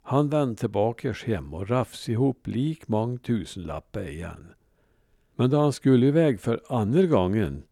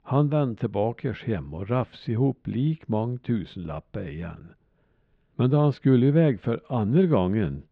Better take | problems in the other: first | muffled; slightly; fading above 3.5 kHz

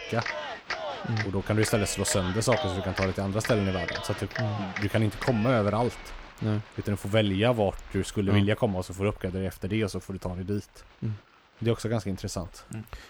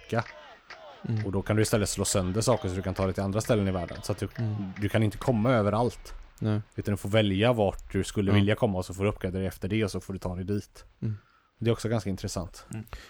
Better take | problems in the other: second | crowd noise; loud; throughout; 7 dB below the speech; faint in the second

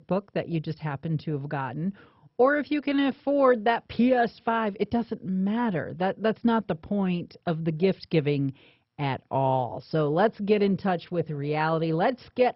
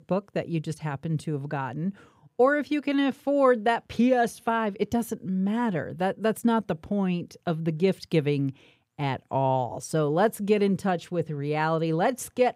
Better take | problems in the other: second | garbled, watery; badly; nothing above 5.5 kHz

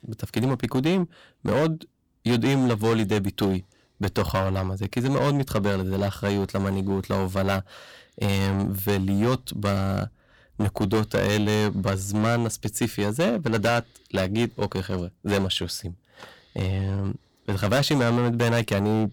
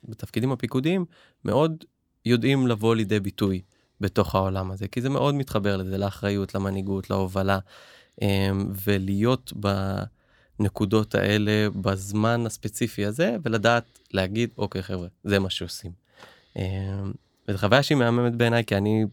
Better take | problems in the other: second | distortion; heavy; 10% of the sound clipped

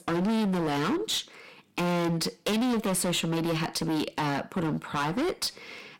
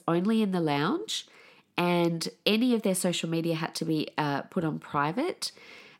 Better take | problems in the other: second | distortion; heavy; 27% of the sound clipped

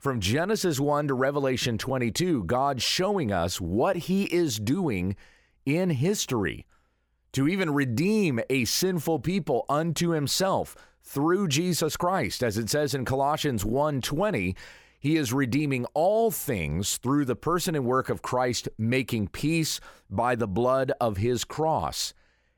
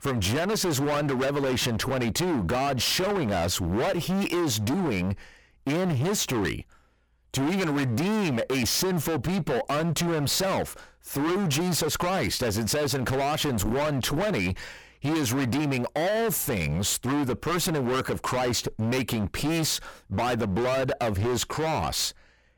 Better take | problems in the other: first | distortion; heavy; 36% of the sound clipped

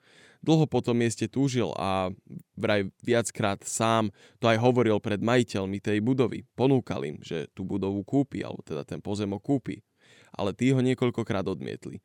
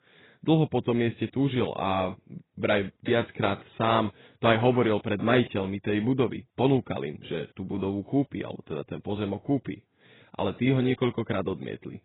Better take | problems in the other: first | garbled, watery; badly; nothing above 4 kHz

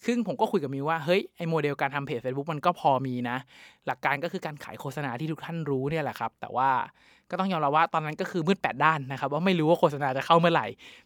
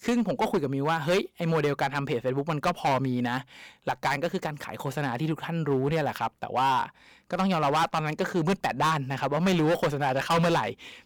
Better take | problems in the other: first | distortion; heavy; 9% of the sound clipped

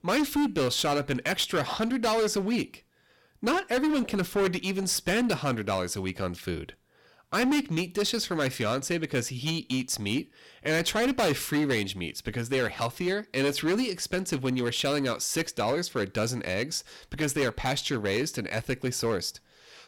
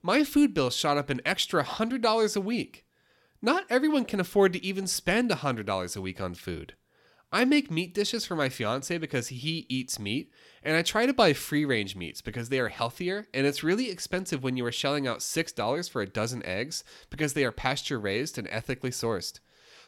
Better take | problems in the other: second | distortion; heavy; 11% of the sound clipped

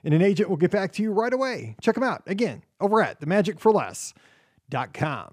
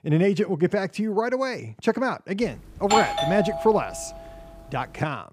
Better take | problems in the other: first | doorbell; loud; from 3 to 4 s; peak 2 dB above the speech

